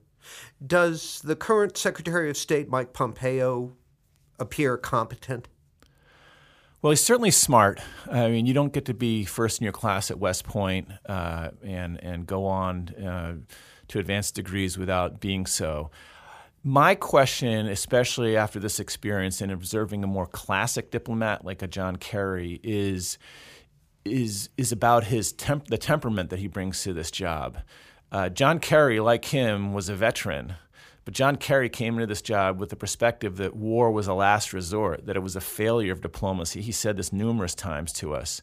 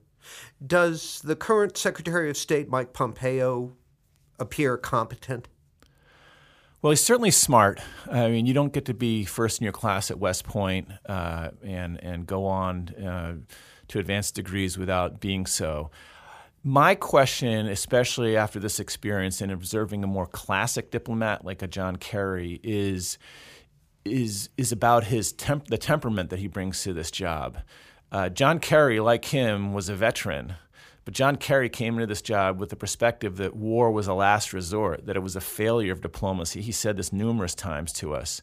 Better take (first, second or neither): neither